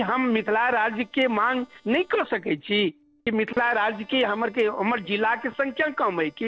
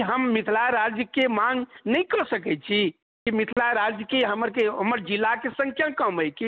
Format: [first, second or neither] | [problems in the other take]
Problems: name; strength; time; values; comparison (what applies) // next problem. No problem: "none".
second | noise reduction (neural separator model SepFormer DNS4)